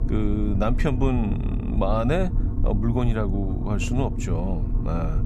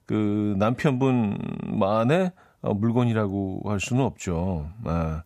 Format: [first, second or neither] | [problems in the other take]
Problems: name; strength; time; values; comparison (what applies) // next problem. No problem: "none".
second | low rumble; loud; throughout; 9 dB below the speech